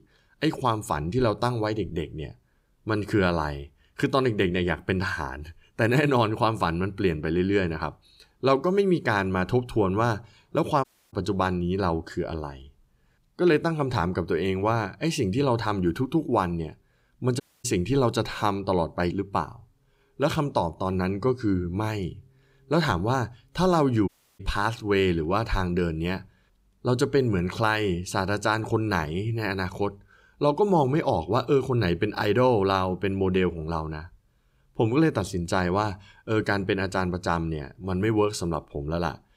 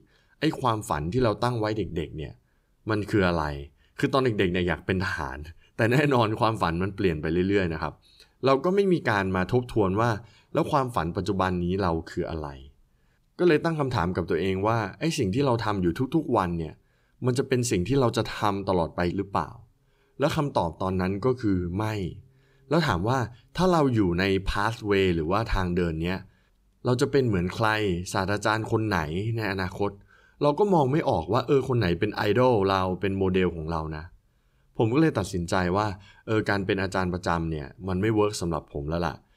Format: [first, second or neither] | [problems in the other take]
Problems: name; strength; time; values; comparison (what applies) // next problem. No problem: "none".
second | audio cutting out; at 11 s, at 17 s and at 24 s